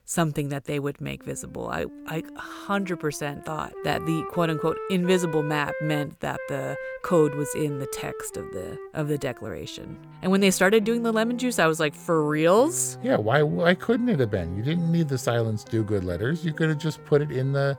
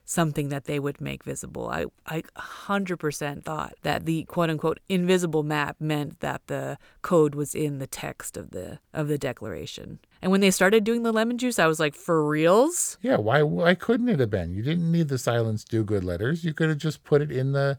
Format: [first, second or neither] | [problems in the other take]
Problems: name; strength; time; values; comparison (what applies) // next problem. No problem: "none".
second | background music; noticeable; throughout; 15 dB below the speech